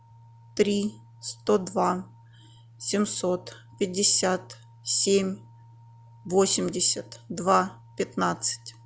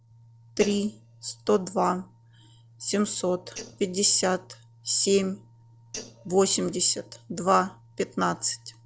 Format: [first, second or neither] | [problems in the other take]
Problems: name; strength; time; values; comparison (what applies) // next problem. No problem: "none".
first | noise reduction (neural separator model SepFormer DNS4)